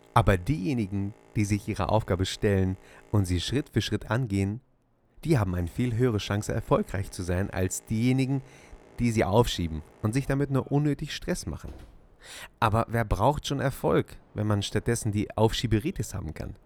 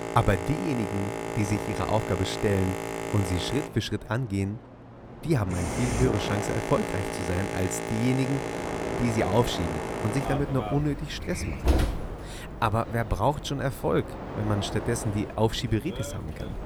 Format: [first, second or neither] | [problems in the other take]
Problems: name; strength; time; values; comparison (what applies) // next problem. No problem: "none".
first | train or aircraft noise; loud; throughout; 4 dB below the speech; faint in the first